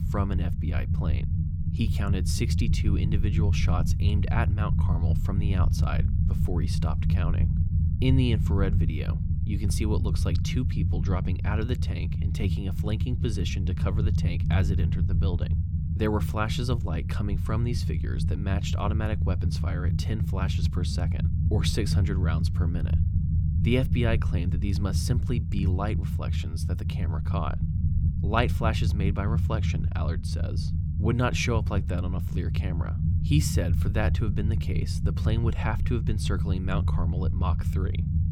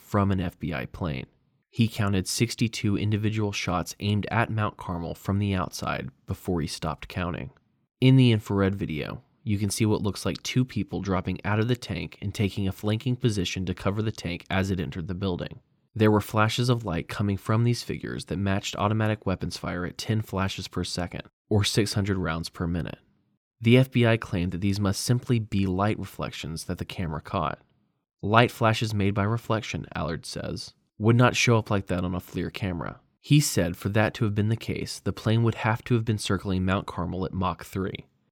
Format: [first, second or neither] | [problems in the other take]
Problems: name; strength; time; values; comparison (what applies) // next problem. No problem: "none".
second | low rumble; loud; throughout; 6 dB below the speech